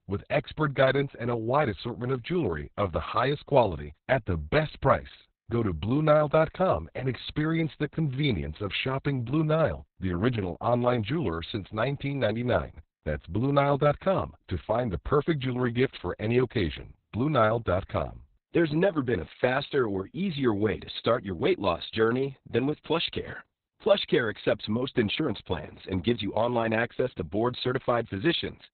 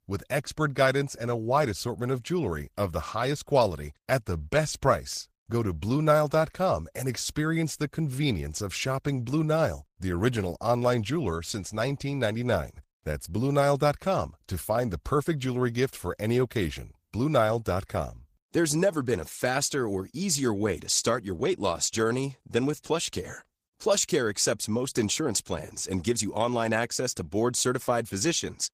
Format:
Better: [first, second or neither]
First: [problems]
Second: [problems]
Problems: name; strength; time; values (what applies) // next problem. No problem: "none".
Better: second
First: garbled, watery; badly; nothing above 4 kHz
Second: garbled, watery; slightly; nothing above 15 kHz